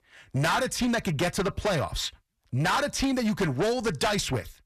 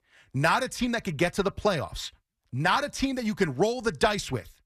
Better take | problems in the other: second | distortion; heavy; 6 dB below the speech

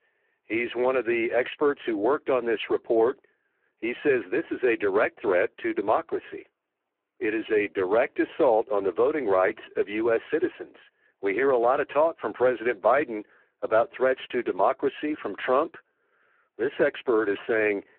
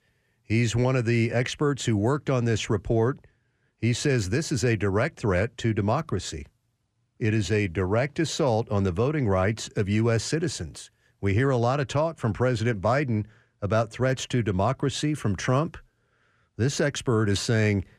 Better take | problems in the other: second | phone-call audio; poor line

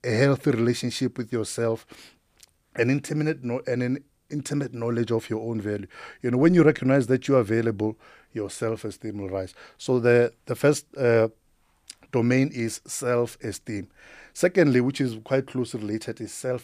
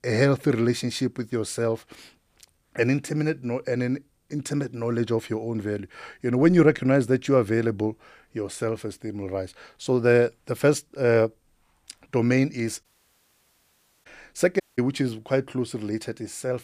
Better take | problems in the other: first | audio cutting out; at 13 s for 1 s and at 15 s

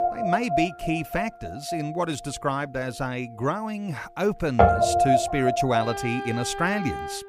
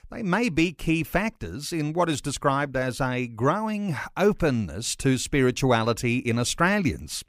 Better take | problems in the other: second | background music; very loud; throughout; 2 dB above the speech

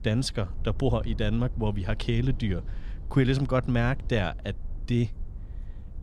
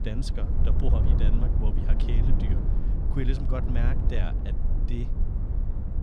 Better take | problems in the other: first | low rumble; loud; throughout; 2 dB below the speech; faint in the first

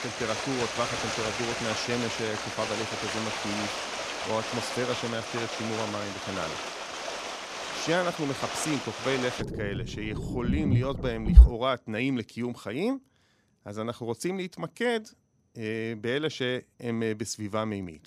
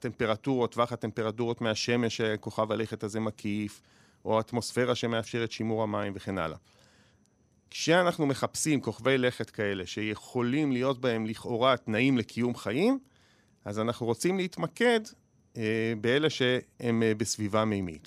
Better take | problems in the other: second | rain or running water; very loud; until 11 s; 2 dB above the speech

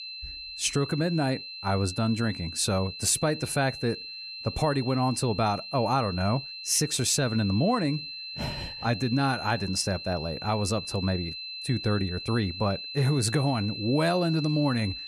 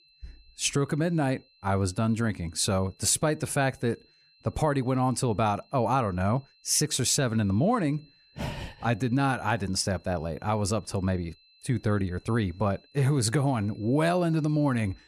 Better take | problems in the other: second | high-pitched whine; loud; throughout; 4 kHz, 9 dB below the speech; faint in the second

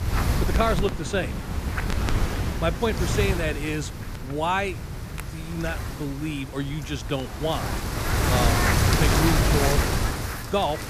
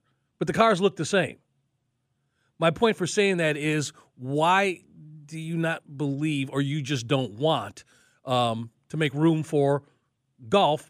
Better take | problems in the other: second | wind noise on the microphone; heavy; as loud as the speech

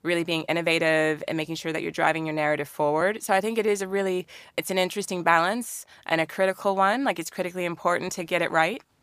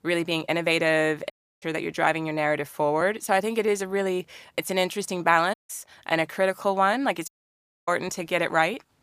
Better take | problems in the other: first | audio cutting out; at 1.5 s, at 5.5 s and at 7.5 s for 0.5 s

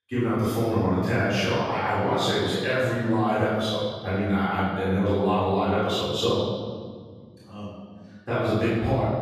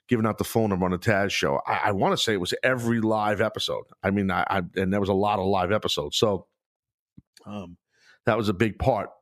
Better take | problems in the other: second | room echo; strong; dies away in 1.8 s // off-mic speech; far

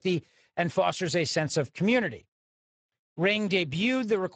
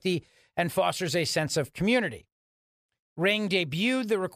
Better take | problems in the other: second | garbled, watery; badly; nothing above 7.5 kHz

